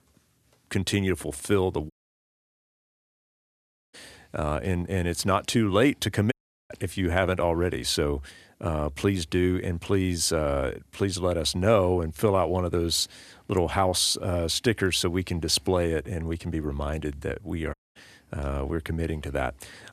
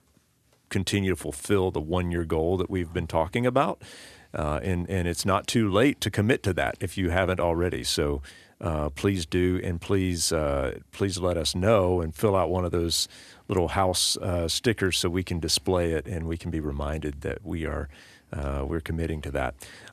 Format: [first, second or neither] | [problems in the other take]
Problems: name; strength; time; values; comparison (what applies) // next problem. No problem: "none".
second | audio cutting out; at 2 s for 2 s, at 6.5 s and at 18 s